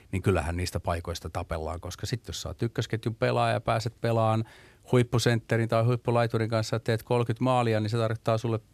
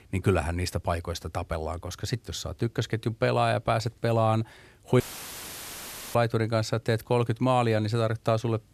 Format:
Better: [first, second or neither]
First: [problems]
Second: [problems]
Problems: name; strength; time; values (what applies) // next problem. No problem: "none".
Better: first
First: none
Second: audio cutting out; filled with static; at 5 s for 1 s